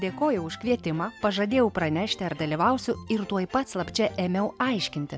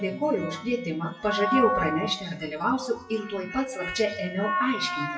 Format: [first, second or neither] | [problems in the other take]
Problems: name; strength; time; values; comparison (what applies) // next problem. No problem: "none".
first | noise reduction (classical method WPE with log-MMSE)